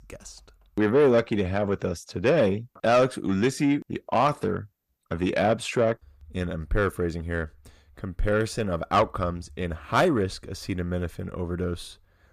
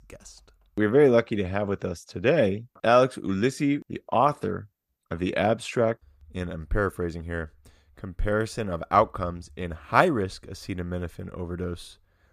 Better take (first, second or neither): second